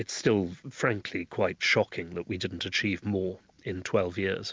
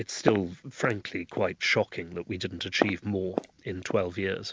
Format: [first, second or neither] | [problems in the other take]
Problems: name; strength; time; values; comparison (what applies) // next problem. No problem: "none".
first | background sound (Walk, footsteps); 5 dB below the speech